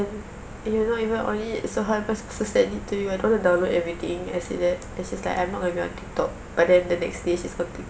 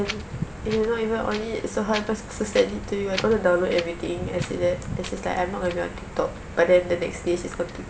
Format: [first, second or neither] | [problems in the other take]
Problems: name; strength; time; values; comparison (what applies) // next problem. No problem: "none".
first | background sound (Wind); 12 dB below the speech